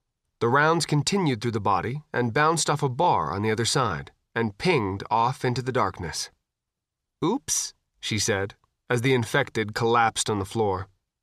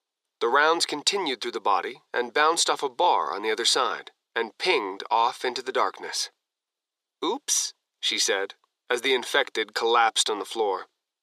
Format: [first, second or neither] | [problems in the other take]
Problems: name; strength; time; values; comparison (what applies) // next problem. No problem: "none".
first | thin; very; fading below 350 Hz